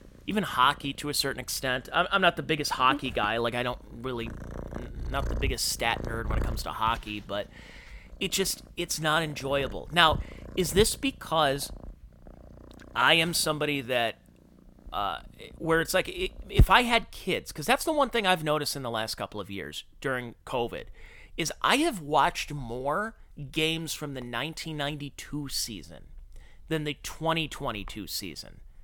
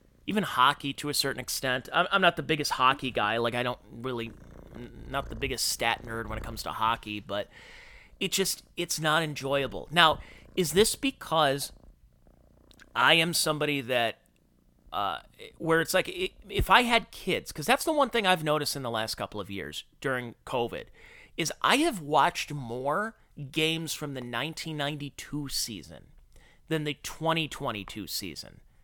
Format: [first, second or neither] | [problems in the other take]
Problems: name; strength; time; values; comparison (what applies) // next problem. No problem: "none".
second | animal sounds; loud; throughout; 9 dB below the speech; faint in the second